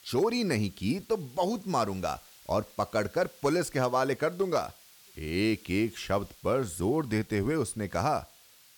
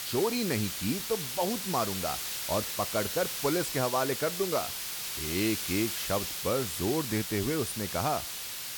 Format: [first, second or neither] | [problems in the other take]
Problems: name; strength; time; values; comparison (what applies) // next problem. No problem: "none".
first | hiss; loud; throughout; 2 dB below the speech; faint in the first